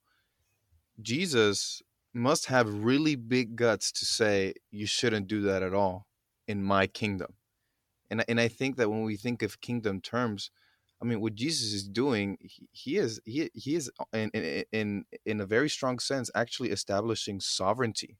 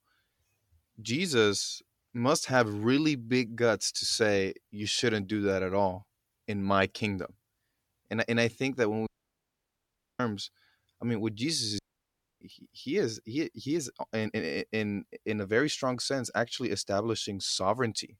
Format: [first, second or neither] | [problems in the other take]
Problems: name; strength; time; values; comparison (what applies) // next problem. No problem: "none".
first | audio cutting out; at 9 s for 1 s and at 12 s for 0.5 s